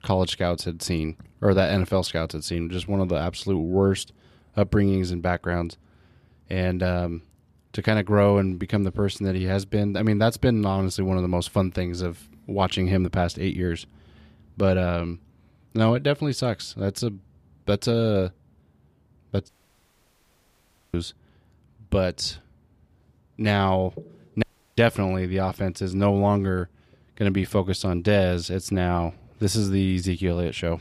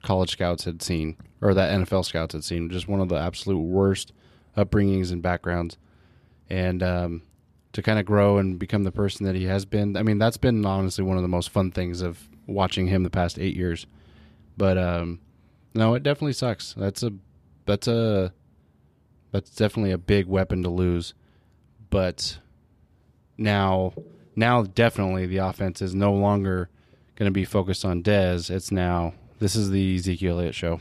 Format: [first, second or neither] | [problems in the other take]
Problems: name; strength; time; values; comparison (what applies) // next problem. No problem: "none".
second | audio cutting out; at 19 s for 1.5 s and at 24 s